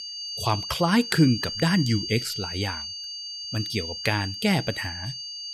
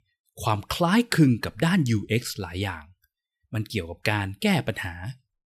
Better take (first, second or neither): second